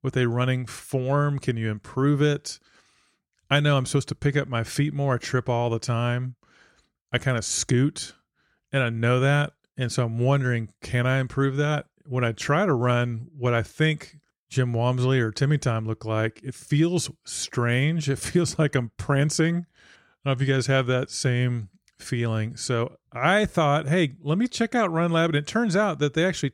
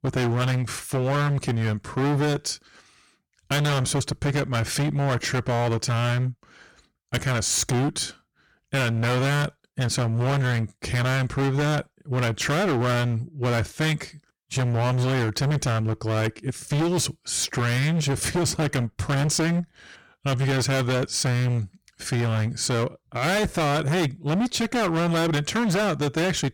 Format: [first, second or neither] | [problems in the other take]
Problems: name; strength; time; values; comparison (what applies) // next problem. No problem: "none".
first | distortion; heavy; 29% of the sound clipped